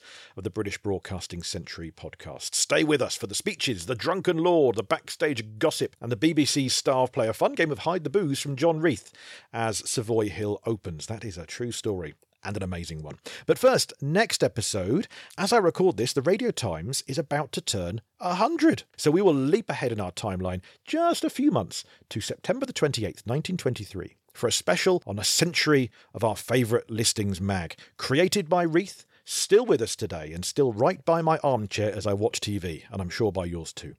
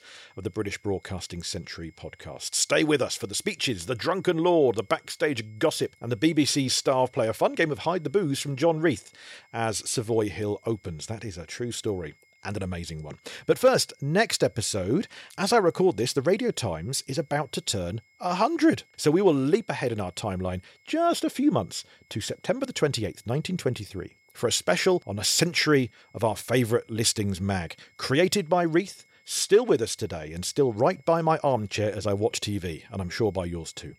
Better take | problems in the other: first | high-pitched whine; faint; throughout; 2 kHz, 35 dB below the speech

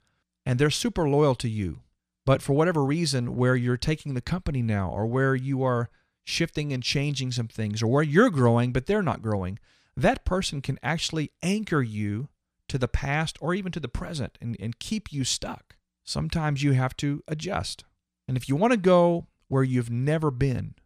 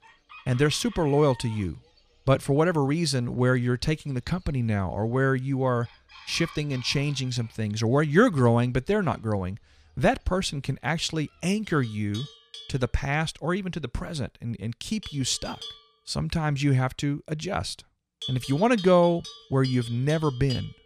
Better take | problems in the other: first | animal sounds; noticeable; throughout; 15 dB below the speech

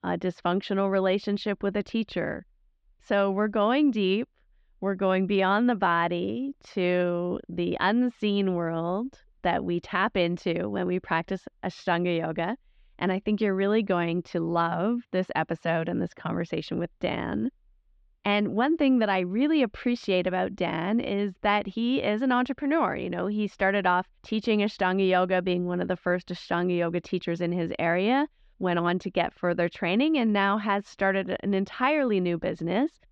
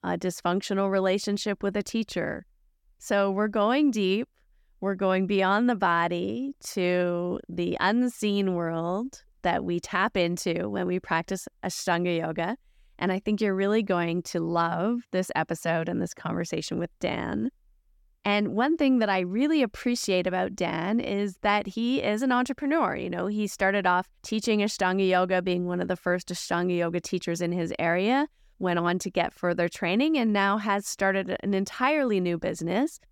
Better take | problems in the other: second | muffled; slightly; fading above 3.5 kHz

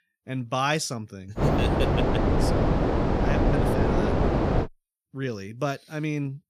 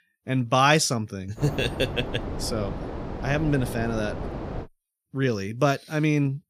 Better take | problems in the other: second | wind noise on the microphone; heavy; from 1.5 to 4.5 s; 5 dB above the speech; occasional gusts in the second

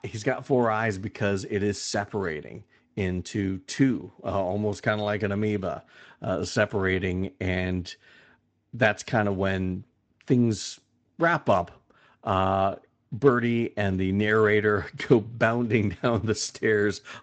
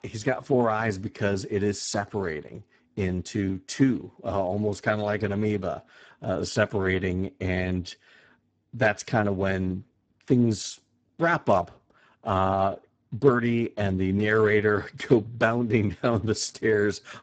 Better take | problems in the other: first | garbled, watery; badly; nothing above 8 kHz; slightly in the first

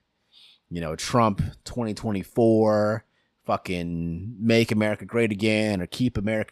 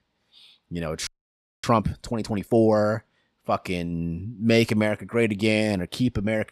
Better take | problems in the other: first | audio freezing; at 1 s for 0.5 s

